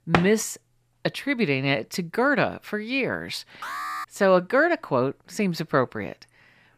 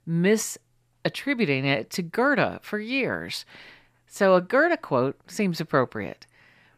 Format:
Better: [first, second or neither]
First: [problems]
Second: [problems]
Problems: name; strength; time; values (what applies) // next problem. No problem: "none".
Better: second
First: door banging; noticeable; at the start; peak 1 dB below the speech // alarm; noticeable; at 3.5 s; peak 7 dB below the speech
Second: none